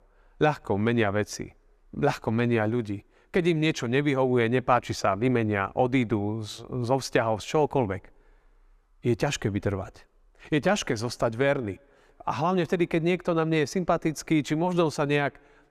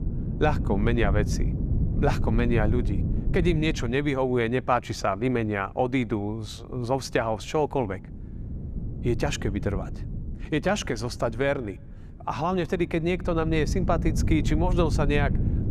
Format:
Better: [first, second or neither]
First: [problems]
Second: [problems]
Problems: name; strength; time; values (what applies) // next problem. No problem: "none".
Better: first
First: none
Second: wind noise on the microphone; occasional gusts; 15 dB below the speech